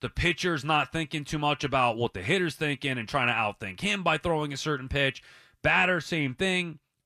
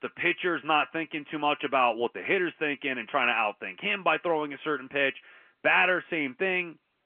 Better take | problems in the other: first | phone-call audio

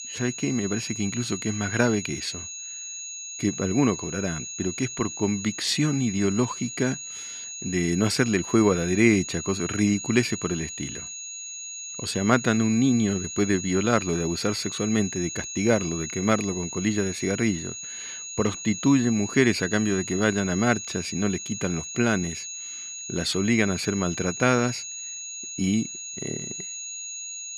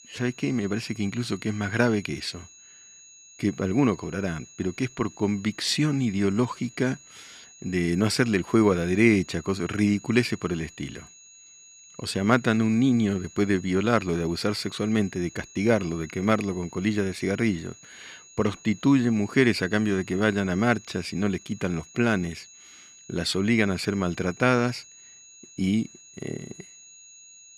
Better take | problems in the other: second | high-pitched whine; loud; throughout; 6.5 kHz, 8 dB below the speech; faint in the second

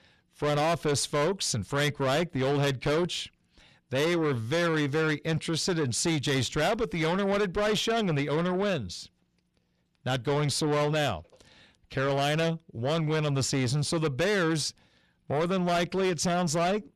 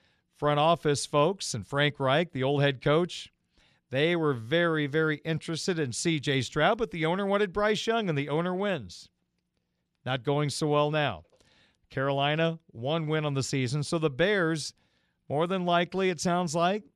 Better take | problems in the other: second | distortion; heavy; 7 dB below the speech

